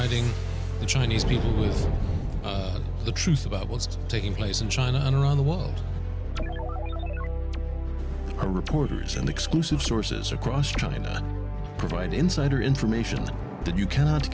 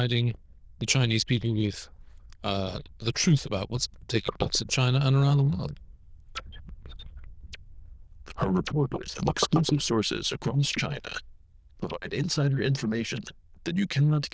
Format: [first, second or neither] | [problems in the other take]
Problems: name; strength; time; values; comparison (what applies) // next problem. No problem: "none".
first | noise reduction (neural diffusion model UNIVERSE++)